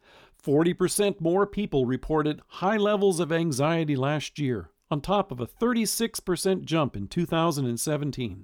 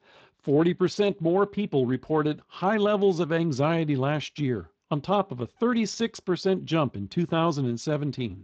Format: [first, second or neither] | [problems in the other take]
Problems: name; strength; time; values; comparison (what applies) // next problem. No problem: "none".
first | garbled, watery; slightly